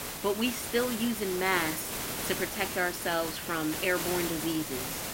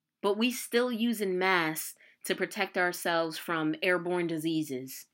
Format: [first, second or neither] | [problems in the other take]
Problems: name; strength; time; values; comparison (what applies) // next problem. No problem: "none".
second | hiss; loud; throughout; 3 dB below the speech